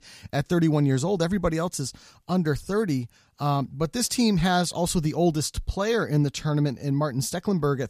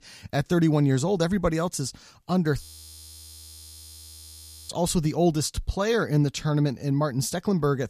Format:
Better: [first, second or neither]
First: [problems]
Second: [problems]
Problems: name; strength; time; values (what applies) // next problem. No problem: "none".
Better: first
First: none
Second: audio freezing; at 2.5 s for 2 s